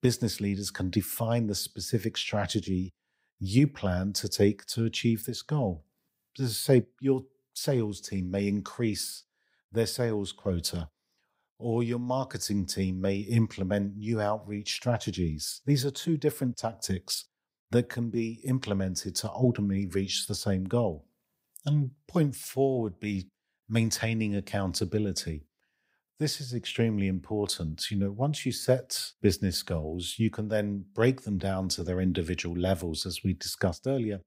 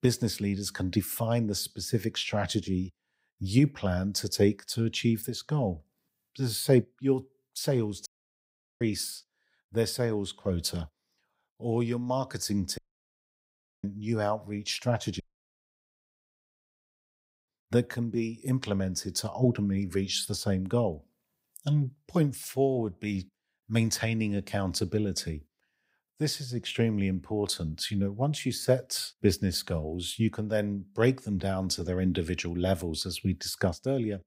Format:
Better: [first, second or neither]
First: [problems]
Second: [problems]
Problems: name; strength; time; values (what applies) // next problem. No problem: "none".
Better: first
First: none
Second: audio cutting out; at 8 s for 1 s, at 13 s for 1 s and at 15 s for 2.5 s